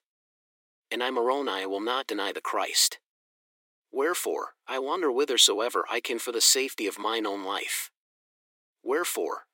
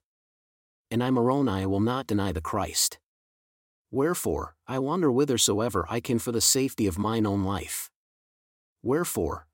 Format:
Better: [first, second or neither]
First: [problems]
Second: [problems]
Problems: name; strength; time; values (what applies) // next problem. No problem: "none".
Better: second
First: thin; very; fading below 350 Hz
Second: none